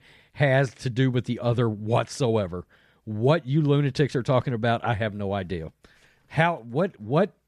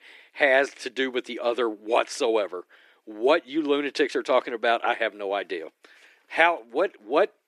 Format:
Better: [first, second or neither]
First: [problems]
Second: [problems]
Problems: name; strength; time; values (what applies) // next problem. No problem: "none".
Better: first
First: none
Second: thin; very; fading below 300 Hz